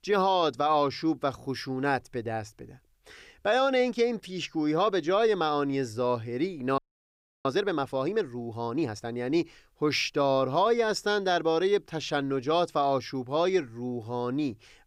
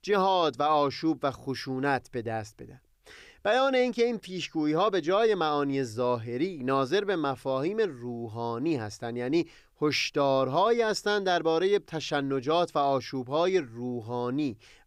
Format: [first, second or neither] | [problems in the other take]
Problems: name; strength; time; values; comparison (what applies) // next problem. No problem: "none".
second | audio freezing; at 7 s for 0.5 s